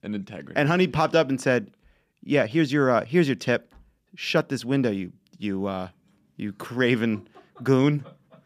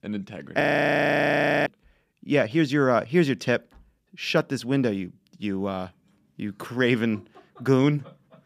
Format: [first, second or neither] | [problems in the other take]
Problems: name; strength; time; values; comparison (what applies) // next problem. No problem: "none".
first | audio freezing; at 0.5 s for 1 s